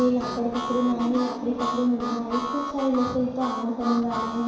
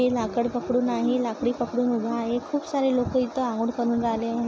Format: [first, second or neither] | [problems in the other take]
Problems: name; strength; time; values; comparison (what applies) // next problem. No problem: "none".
second | background sound (Harmonica); 8 dB below the speech // room echo; dies away in 1.1 s